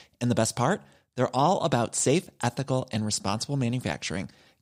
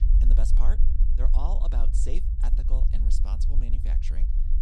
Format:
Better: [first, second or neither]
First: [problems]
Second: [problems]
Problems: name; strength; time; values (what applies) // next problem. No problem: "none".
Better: first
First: none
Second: low rumble; loud; throughout; 5 dB below the speech